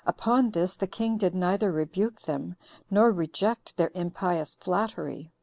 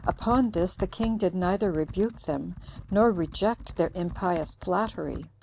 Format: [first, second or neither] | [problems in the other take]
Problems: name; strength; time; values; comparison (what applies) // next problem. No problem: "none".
first | background sound (Computer keyboard); 13 dB below the speech